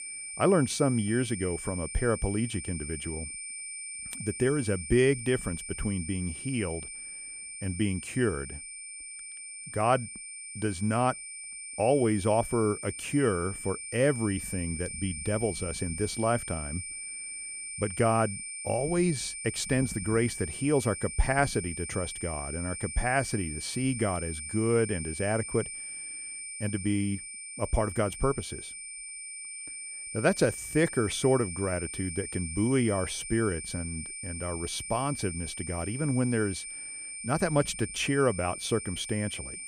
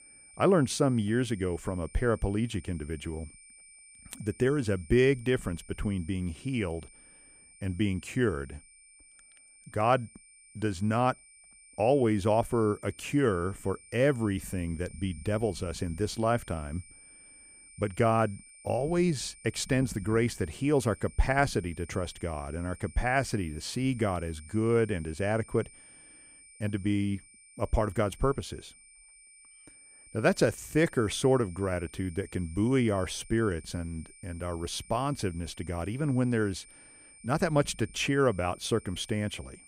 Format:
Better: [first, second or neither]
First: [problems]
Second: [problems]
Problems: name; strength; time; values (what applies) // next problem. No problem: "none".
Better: second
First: high-pitched whine; loud; throughout; 9 kHz, 7 dB below the speech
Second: high-pitched whine; faint; throughout; 9 kHz, 20 dB below the speech